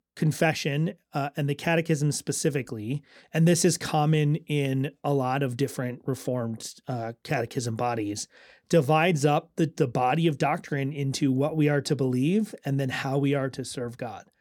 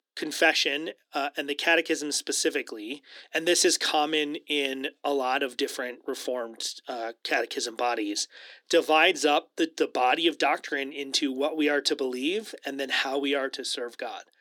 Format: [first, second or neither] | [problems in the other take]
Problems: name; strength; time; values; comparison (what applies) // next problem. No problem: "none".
first | thin; somewhat; fading below 300 Hz